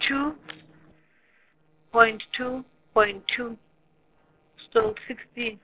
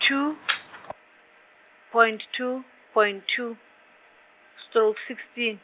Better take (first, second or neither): second